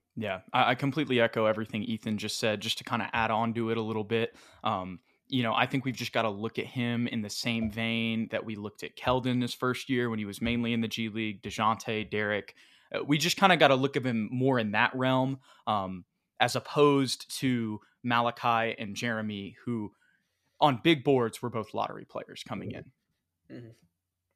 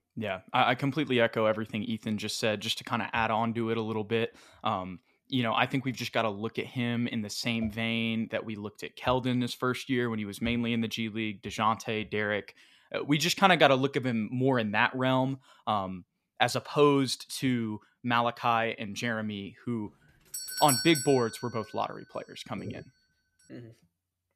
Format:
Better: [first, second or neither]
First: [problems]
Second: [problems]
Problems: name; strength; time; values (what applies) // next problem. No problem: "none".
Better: first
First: none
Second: doorbell; loud; at 20 s; peak level with the speech